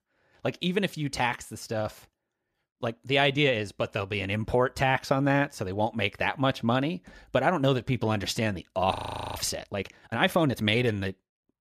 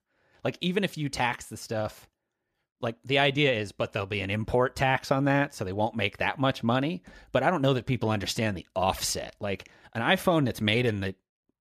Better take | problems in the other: second | audio freezing; at 9 s

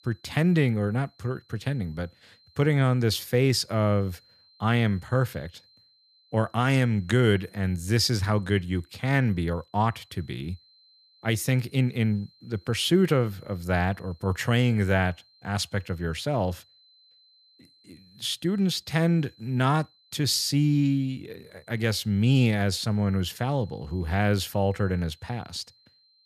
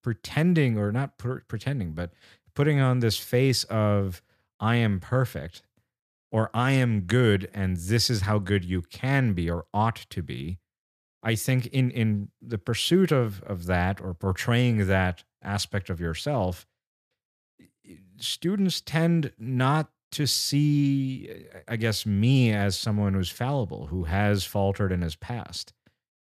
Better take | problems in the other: second | high-pitched whine; faint; throughout; 4 kHz, 30 dB below the speech

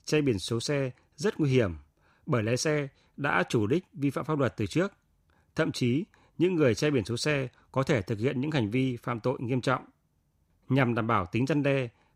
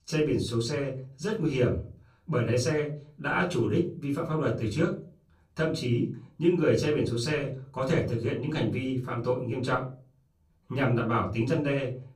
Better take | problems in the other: first | off-mic speech; far // room echo; very slight; dies away in 0.3 s

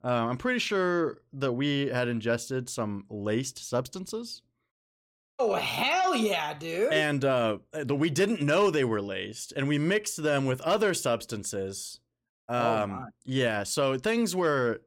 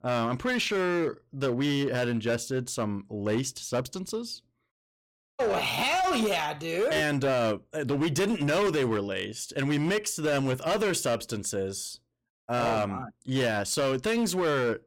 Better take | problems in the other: first | distortion; slight; 13% of the sound clipped

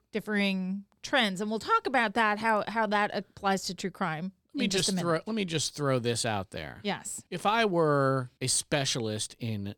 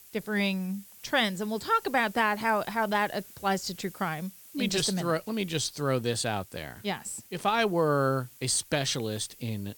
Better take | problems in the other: first | hiss; noticeable; throughout; 20 dB below the speech

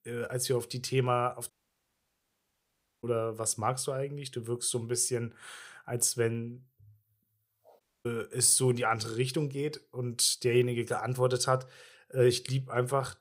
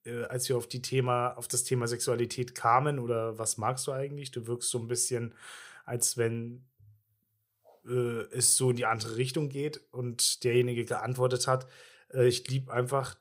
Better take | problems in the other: second | audio cutting out; at 1.5 s for 1.5 s and at 8 s

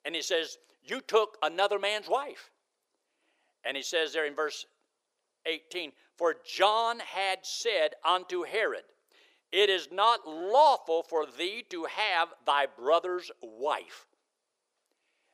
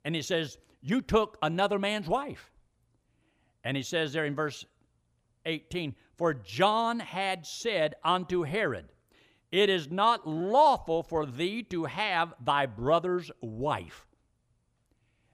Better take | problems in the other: second | thin; very; fading below 400 Hz

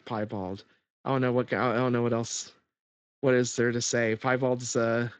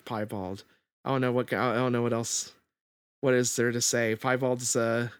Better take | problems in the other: second | garbled, watery; slightly

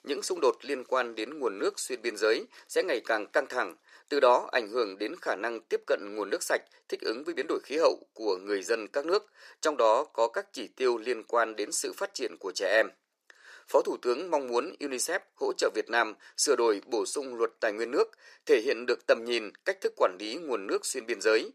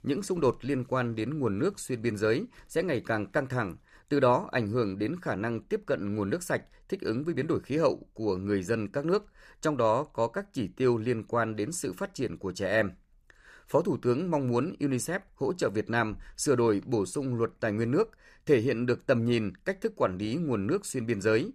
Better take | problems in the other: second | thin; very; fading below 400 Hz

